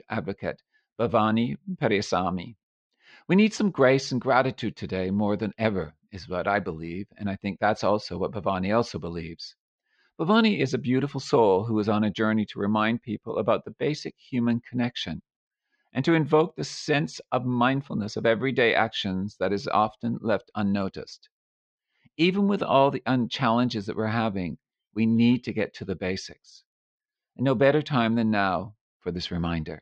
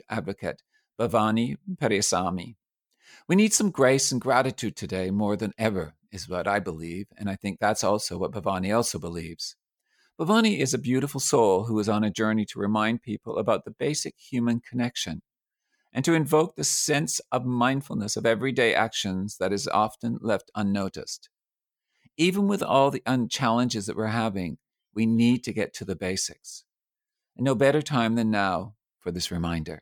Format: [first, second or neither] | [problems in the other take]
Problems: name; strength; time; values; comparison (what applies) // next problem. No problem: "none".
second | muffled; slightly; fading above 4.5 kHz